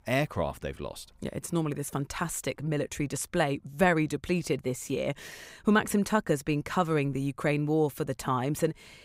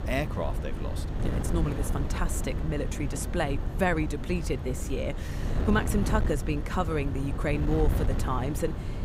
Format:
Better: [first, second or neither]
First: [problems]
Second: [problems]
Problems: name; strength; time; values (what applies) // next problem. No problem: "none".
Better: first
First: none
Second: wind noise on the microphone; heavy; 8 dB below the speech